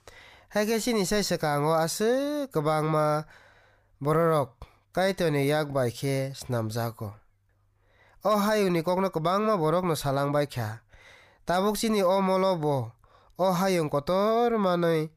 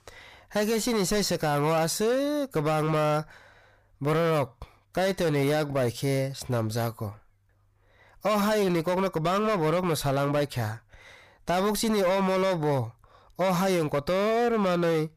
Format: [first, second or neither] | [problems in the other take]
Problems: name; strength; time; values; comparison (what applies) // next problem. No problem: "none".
first | distortion; slight; 15% of the sound clipped